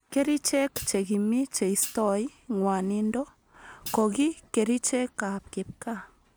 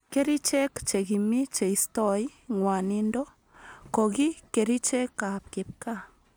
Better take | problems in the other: second | background sound (Hi-hat); 16 dB below the speech

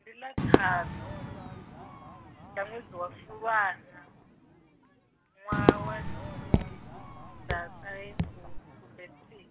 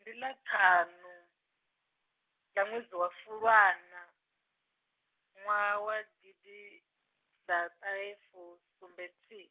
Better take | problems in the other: second | background sound (Raindrop / Drip + Crowd / Fireworks); 4 dB above the speech

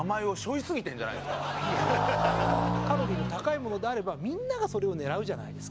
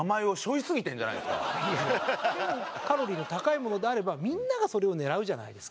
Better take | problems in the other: second | background sound (Motorcycle); 2 dB below the speech

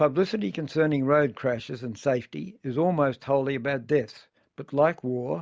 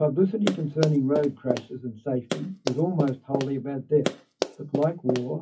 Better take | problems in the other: first | noise reduction (classical method WPE with log-MMSE)

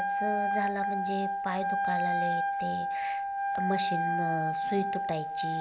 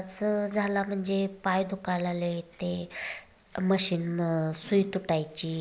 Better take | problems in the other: second | background sound (Wind instrument, woodwind instrument); 5 dB above the speech

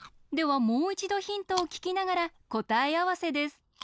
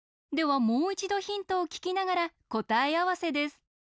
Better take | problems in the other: second | background sound (Chewing, mastication); 19 dB below the speech

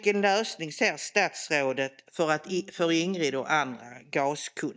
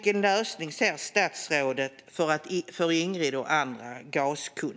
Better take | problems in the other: second | noise reduction (neural mask model DeepFilterNet 3)

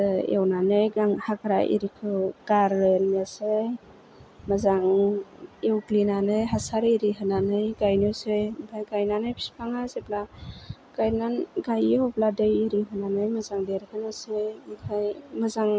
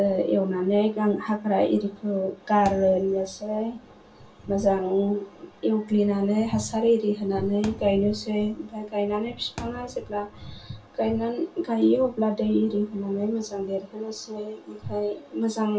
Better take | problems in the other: first | background sound (Thump, thud); 18 dB below the speech // room echo; dies away in 0.2 s

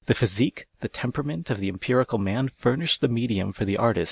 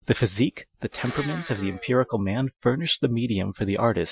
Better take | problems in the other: first | noise reduction (classical method Wiener filter)

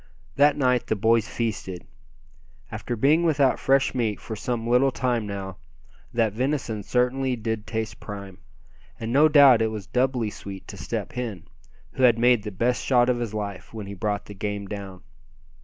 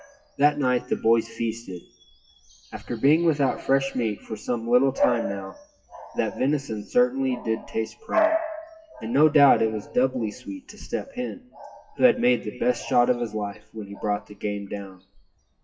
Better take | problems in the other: first | noise reduction (classical method WPE with log-MMSE)

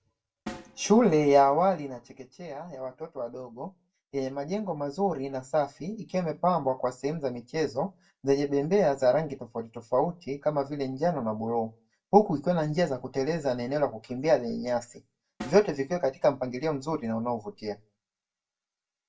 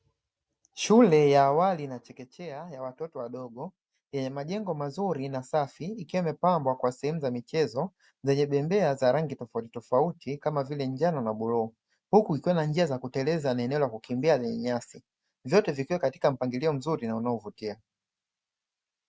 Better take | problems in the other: second | background sound (Snare drum); 19 dB below the speech // room echo; dies away in 0.2 s

